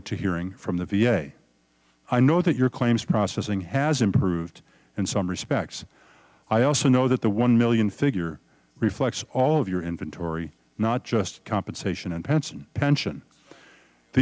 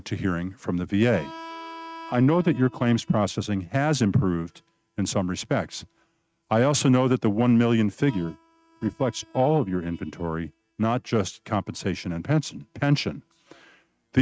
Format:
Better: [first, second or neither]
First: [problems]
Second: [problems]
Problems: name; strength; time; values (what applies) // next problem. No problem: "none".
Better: first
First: none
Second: noise reduction (neural mask model RNNoise)